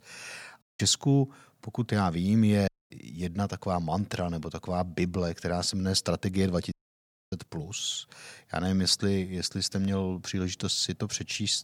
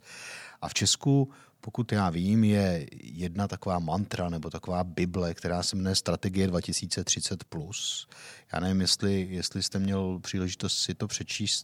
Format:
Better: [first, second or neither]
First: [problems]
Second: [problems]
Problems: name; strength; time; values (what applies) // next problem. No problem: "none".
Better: second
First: audio cutting out; at 0.5 s, at 2.5 s and at 6.5 s for 0.5 s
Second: none